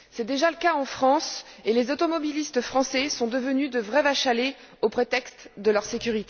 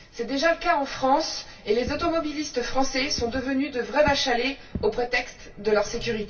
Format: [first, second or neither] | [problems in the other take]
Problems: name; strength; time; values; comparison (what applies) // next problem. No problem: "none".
first | background sound (Fireworks); 17 dB below the speech // room echo; dies away in 0.2 s